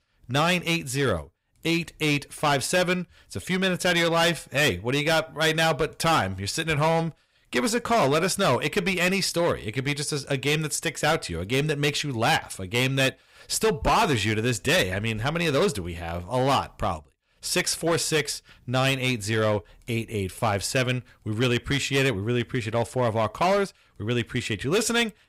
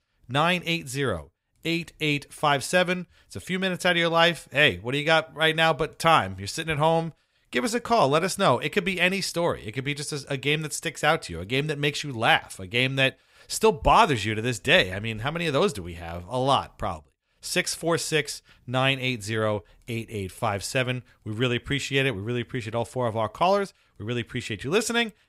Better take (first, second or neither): second